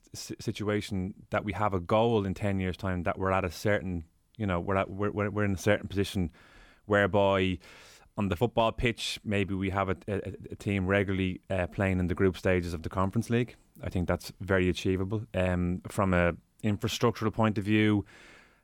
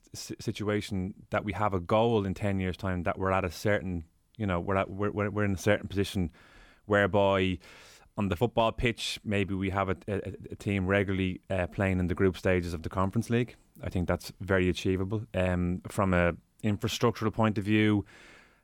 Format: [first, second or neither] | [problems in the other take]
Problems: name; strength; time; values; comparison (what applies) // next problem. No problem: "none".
neither | none